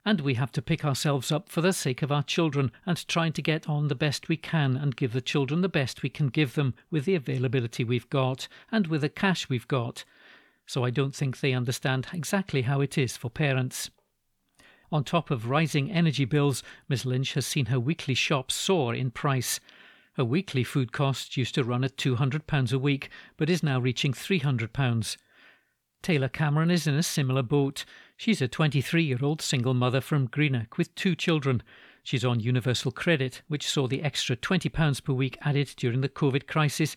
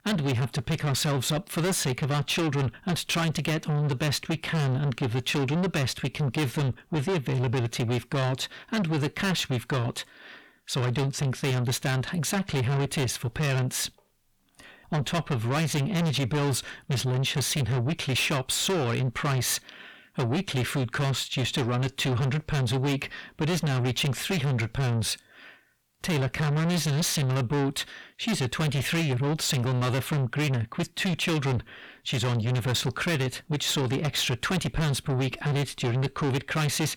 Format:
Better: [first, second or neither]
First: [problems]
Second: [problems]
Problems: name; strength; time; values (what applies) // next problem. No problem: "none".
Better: first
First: none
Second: distortion; heavy; 7 dB below the speech